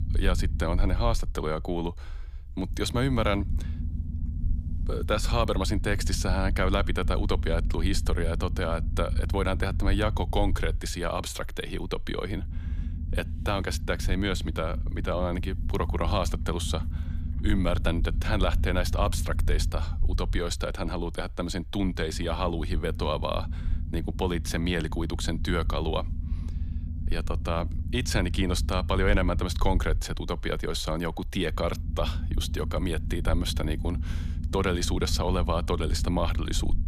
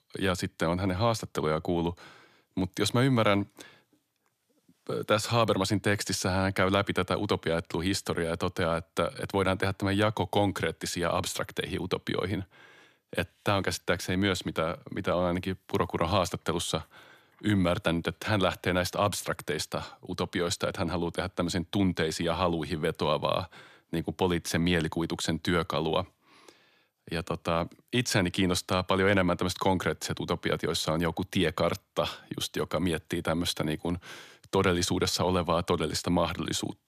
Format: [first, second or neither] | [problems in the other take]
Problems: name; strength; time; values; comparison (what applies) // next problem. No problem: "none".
second | low rumble; noticeable; throughout; 15 dB below the speech